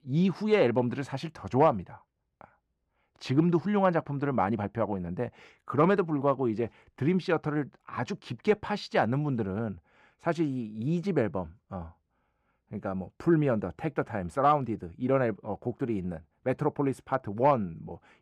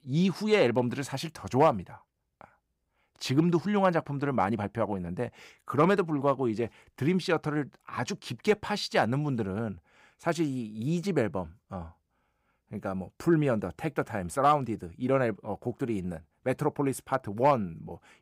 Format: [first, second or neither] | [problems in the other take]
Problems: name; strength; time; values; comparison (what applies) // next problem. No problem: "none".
second | muffled; very slightly; fading above 2 kHz